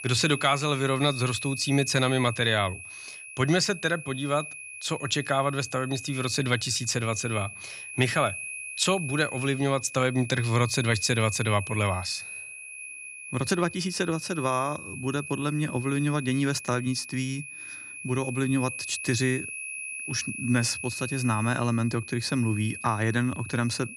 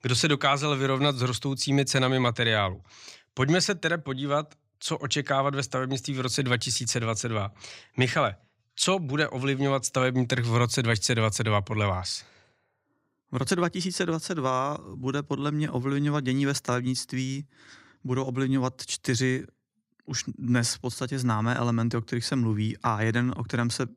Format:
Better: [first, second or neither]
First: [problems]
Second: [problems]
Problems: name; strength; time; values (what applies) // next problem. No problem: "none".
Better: second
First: high-pitched whine; loud; throughout; 2.5 kHz, 9 dB below the speech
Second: none